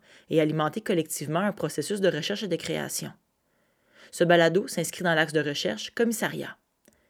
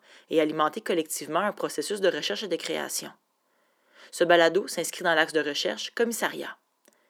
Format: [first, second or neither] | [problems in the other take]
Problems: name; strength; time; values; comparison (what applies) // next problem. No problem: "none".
first | thin; somewhat; fading below 250 Hz